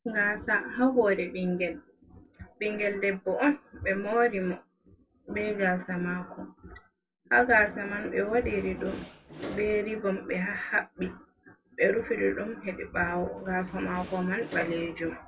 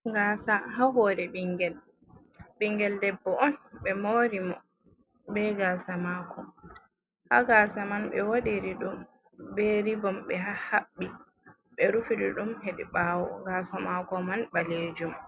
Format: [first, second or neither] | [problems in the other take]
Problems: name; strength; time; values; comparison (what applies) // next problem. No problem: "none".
second | background sound (Door); 15 dB below the speech // room echo; dies away in 0.1 s